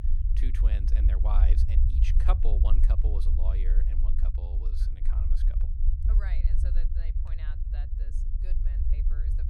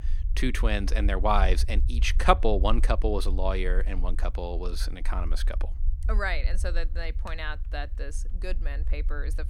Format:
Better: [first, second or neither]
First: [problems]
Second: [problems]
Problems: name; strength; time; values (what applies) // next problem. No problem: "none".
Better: second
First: low rumble; loud; throughout; 3 dB below the speech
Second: low rumble; faint; throughout; 20 dB below the speech